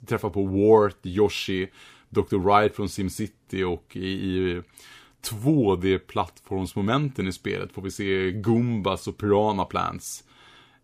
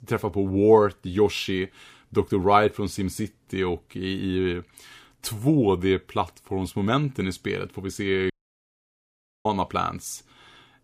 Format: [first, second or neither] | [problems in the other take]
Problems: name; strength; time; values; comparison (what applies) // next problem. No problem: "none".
first | audio cutting out; at 8.5 s for 1 s